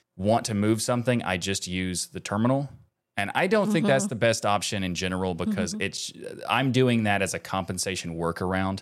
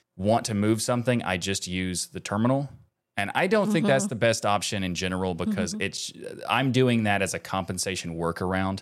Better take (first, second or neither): neither